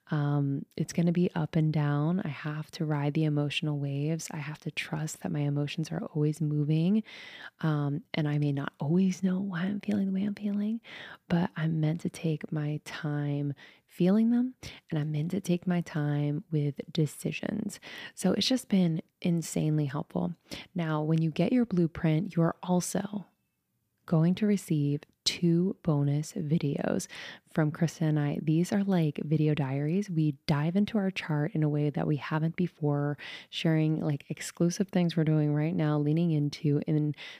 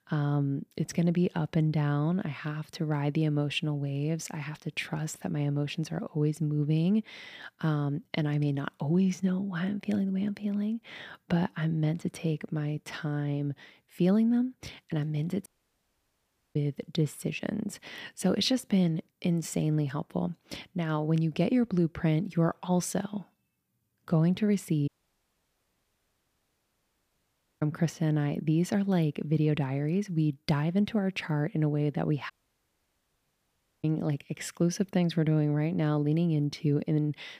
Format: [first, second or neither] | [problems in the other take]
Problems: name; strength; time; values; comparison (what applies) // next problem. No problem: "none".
first | audio cutting out; at 15 s for 1 s, at 25 s for 2.5 s and at 32 s for 1.5 s